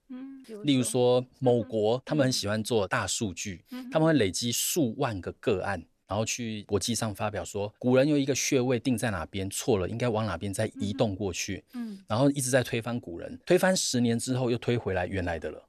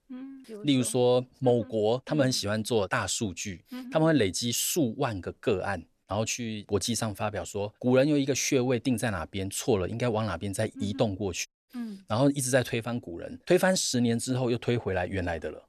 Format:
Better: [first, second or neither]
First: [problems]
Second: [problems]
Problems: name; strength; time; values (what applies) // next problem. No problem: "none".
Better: first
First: none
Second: audio cutting out; at 11 s